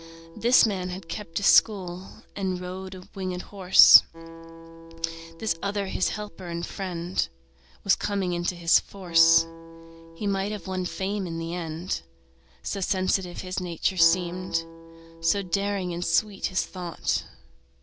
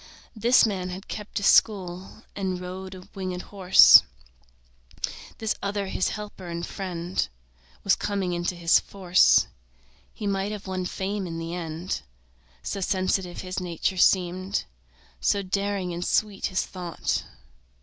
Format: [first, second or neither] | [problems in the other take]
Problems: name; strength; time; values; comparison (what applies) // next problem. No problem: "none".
second | background sound (Acoustic guitar); 18 dB below the speech